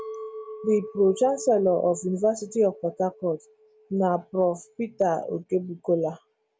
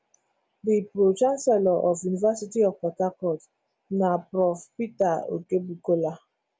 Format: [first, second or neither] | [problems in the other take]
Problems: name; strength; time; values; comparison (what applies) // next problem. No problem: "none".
second | background sound (Chink, clink); 18 dB below the speech